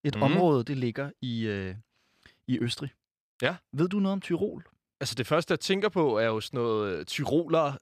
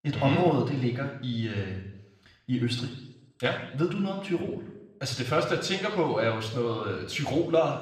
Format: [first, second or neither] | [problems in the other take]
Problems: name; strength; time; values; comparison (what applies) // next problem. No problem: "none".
first | room echo; noticeable; dies away in 0.8 s // off-mic speech; somewhat distant